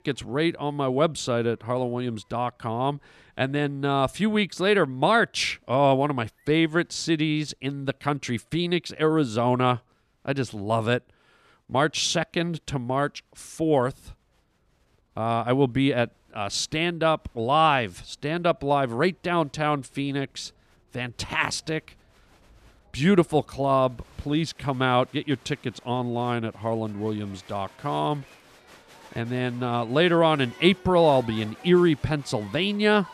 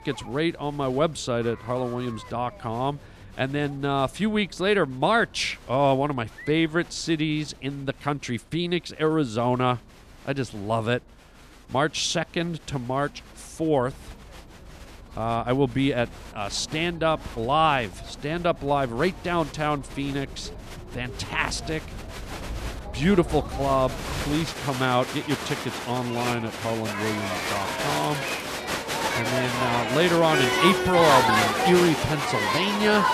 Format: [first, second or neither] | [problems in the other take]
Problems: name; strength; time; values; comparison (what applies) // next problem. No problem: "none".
first | crowd noise; loud; throughout; 2 dB below the speech; faint in the first